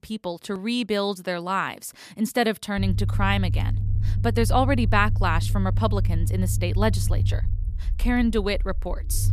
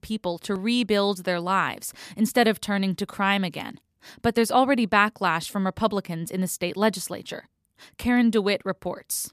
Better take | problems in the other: second | low rumble; noticeable; from 3 s on; 15 dB below the speech

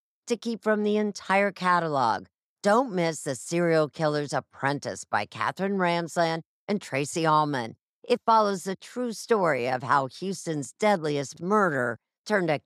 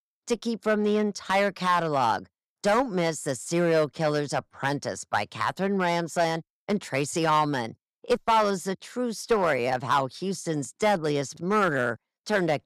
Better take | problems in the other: first | distortion; slight; 3% of the sound clipped

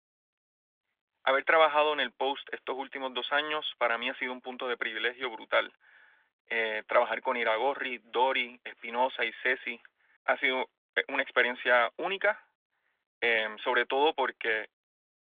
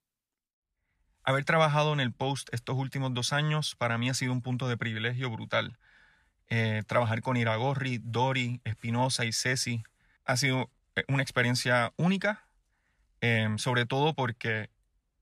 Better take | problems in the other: second | phone-call audio; nothing above 3.5 kHz

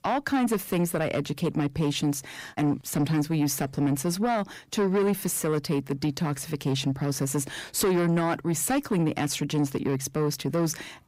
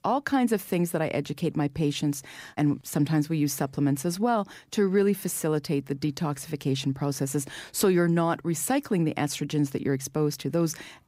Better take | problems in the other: second | distortion; slight; 10 dB below the speech

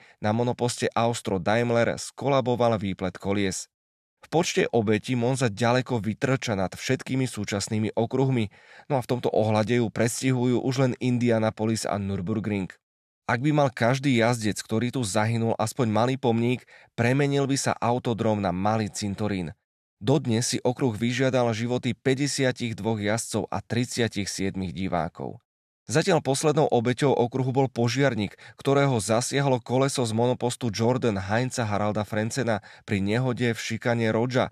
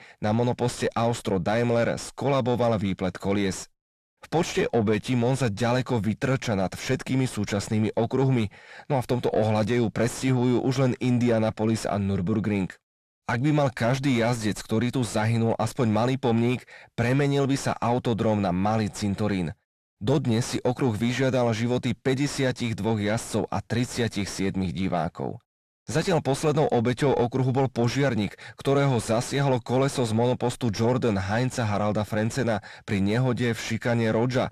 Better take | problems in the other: first | distortion; slight; 10 dB below the speech

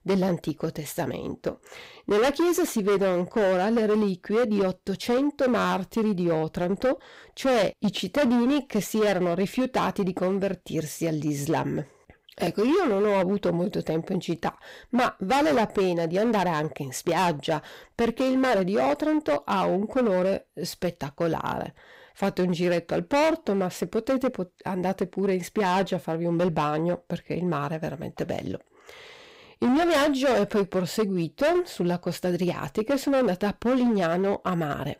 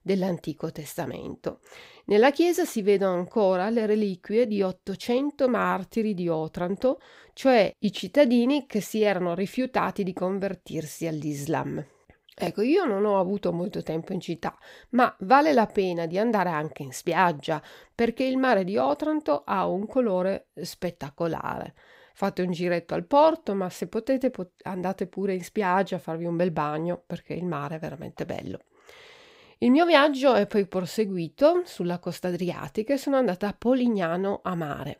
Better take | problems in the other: second | distortion; heavy; 12% of the sound clipped

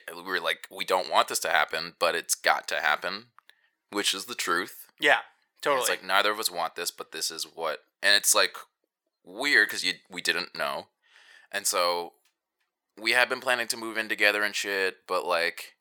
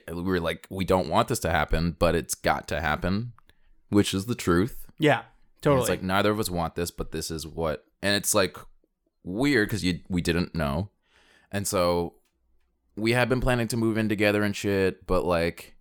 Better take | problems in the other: second | thin; very; fading below 700 Hz

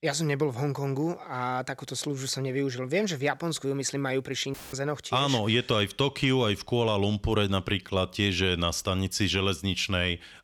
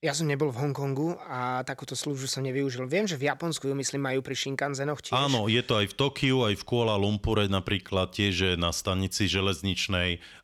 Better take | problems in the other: second | audio cutting out; filled with static; at 4.5 s

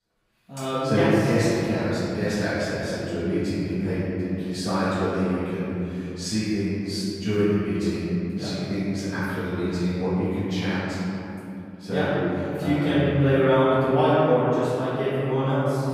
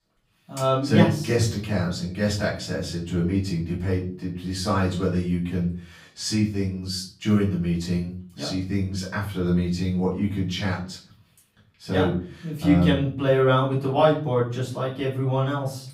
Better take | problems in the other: second | room echo; strong; dies away in 3 s; slight in the second // off-mic speech; far; far in the second

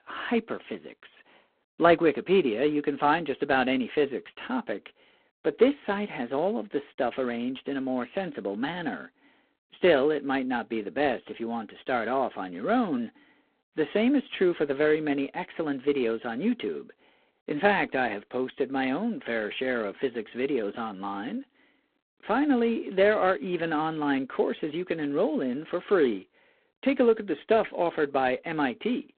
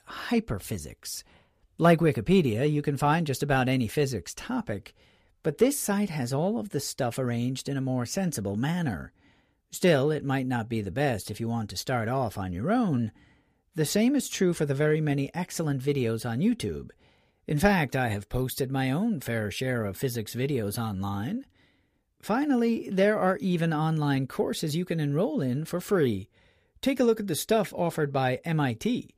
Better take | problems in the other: second | phone-call audio; poor line; nothing above 4 kHz

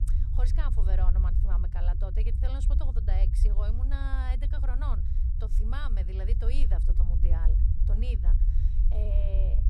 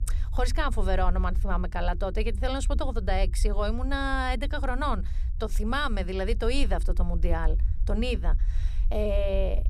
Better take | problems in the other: second | low rumble; loud; throughout; 5 dB below the speech; faint in the second

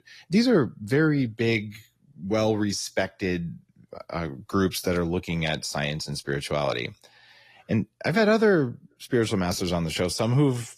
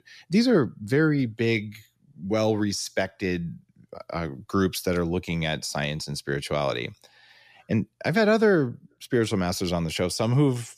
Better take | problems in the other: second | garbled, watery; slightly; nothing above 14.5 kHz

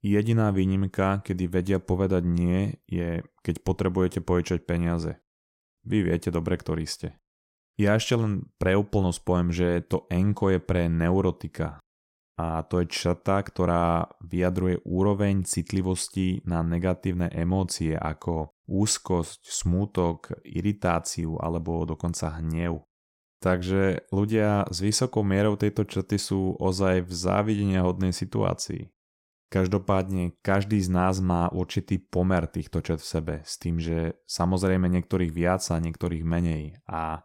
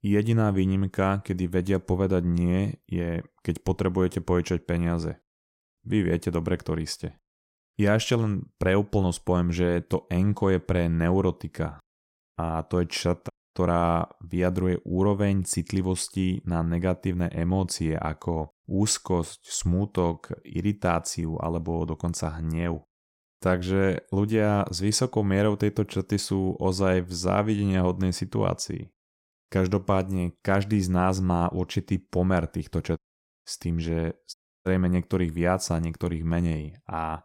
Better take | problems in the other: first | audio cutting out; at 13 s, at 33 s and at 34 s

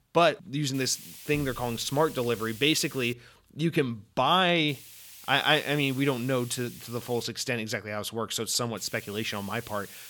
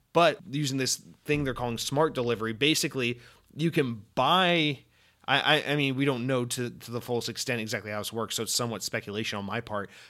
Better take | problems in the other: second | hiss; noticeable; from 0.5 to 3 s, from 4.5 to 7 s and from 9 s on; 15 dB below the speech

